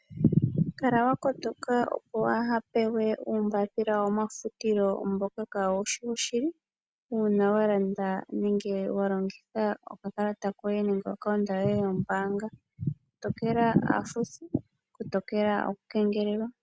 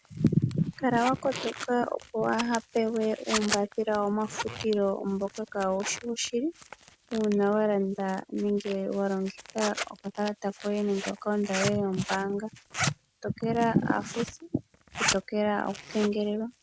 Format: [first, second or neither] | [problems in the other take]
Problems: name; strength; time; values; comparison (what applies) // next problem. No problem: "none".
first | background sound (Zipper (clothing)); 10 dB below the speech